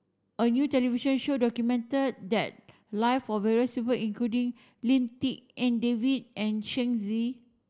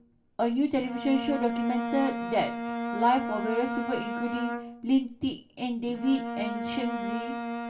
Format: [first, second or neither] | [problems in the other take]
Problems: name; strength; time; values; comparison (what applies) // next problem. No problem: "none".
first | background sound (Bowed string instrument); 4 dB below the speech // room echo; dies away in 0.2 s